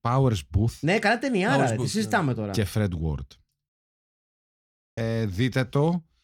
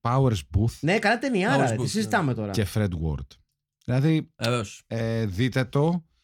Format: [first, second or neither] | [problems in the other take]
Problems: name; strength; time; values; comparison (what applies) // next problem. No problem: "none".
second | audio cutting out; at 3.5 s for 1.5 s